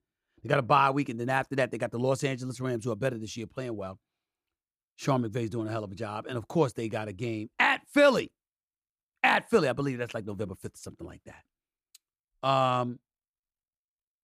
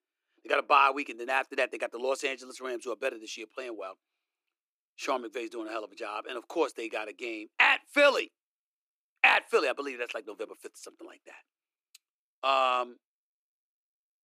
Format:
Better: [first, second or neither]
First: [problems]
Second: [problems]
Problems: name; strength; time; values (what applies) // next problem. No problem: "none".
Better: first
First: none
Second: thin; somewhat; fading below 300 Hz